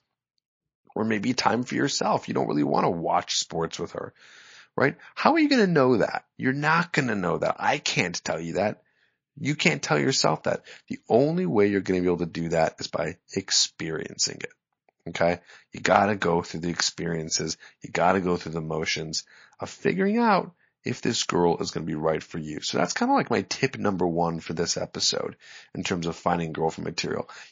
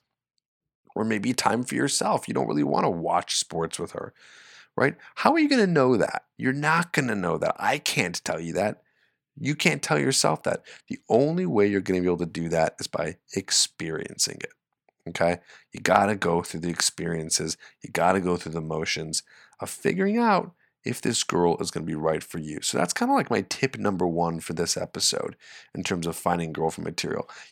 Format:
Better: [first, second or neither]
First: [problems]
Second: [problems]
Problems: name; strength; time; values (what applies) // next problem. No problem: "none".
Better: second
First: garbled, watery; slightly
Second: none